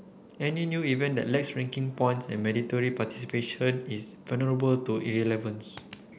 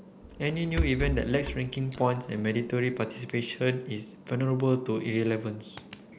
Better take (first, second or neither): first